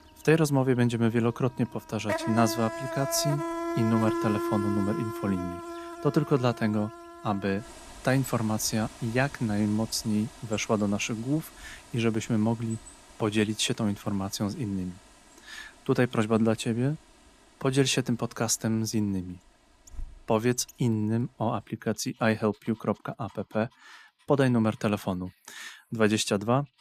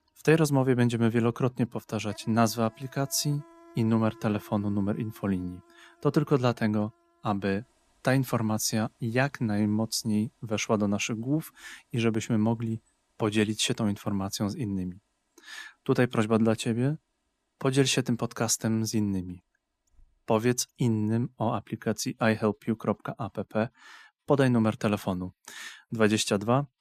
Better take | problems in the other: second | animal sounds; loud; throughout; 8 dB below the speech; faint in the second

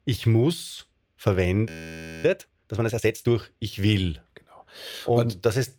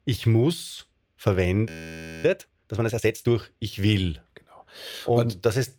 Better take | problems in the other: neither | audio freezing; at 1.5 s for 0.5 s; the same in both

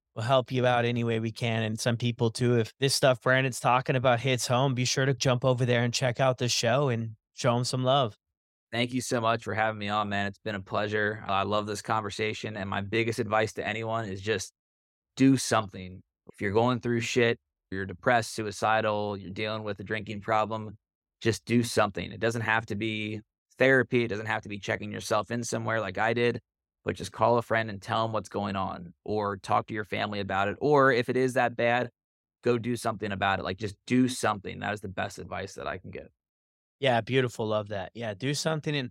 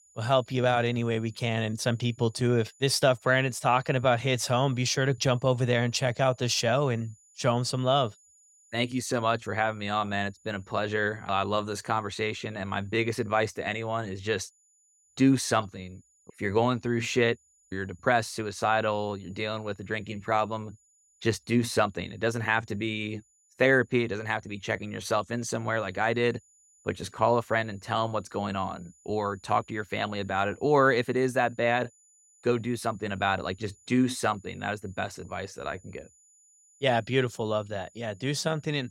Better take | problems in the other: first | high-pitched whine; faint; throughout; 7 kHz, 30 dB below the speech

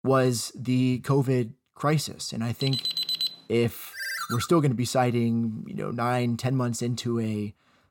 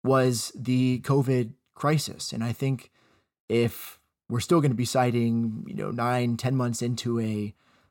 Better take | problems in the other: second | alarm; loud; at 2.5 s; peak 1 dB above the speech // phone ringing; noticeable; at 4 s; peak 4 dB below the speech

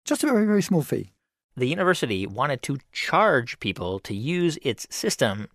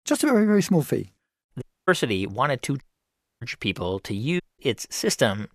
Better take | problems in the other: first | audio cutting out; at 1.5 s, at 3 s for 0.5 s and at 4.5 s

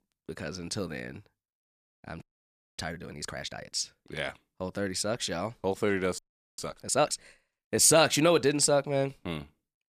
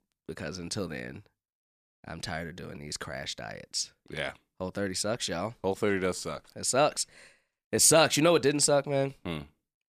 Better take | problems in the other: second | audio freezing; at 2 s for 0.5 s and at 6 s

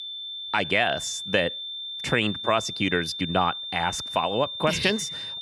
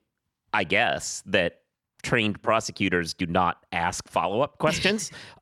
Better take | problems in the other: second | high-pitched whine; loud; throughout; 3.5 kHz, 6 dB below the speech

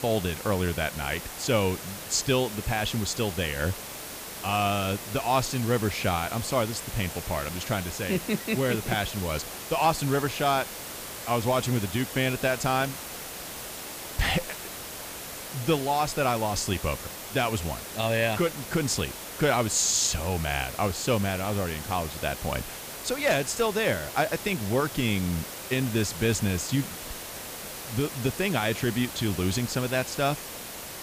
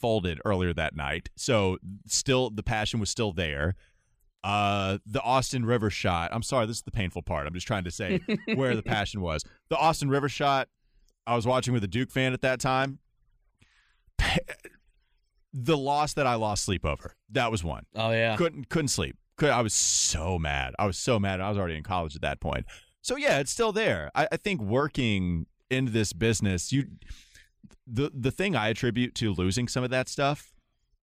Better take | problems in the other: second | hiss; loud; throughout; 9 dB below the speech

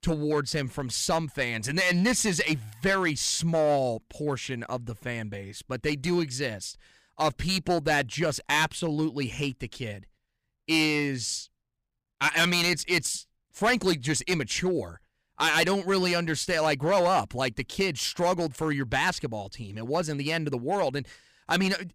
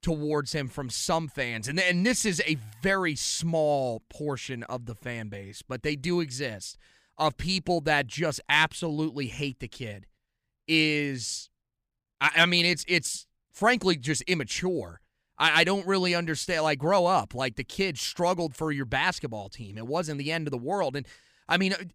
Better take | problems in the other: second | distortion; slight; 4% of the sound clipped

